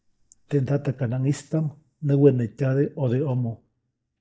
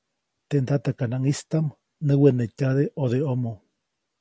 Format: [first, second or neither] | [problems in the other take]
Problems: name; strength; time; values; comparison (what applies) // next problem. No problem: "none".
second | noise reduction (neural mask model DeepFilterNet 3)